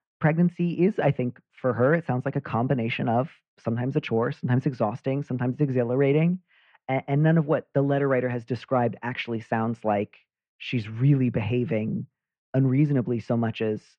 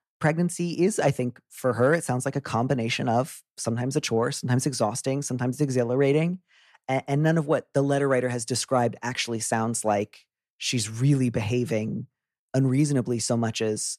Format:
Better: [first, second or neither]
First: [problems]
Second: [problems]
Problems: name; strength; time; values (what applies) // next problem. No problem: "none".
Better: second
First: muffled; very; fading above 2.5 kHz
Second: none